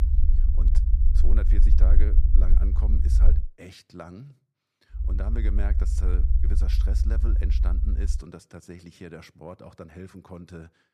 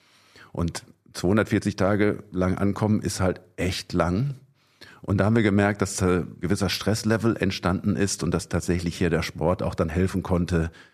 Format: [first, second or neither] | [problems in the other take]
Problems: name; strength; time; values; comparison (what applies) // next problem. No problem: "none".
second | low rumble; loud; until 3.5 s and from 5 to 8 s; 2 dB below the speech